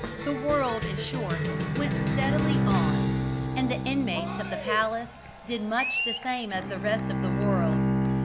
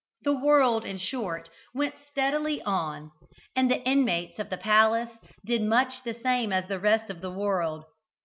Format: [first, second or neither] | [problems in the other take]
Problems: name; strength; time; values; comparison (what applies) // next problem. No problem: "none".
second | background sound (Bowed string instrument + Cheering); 3 dB above the speech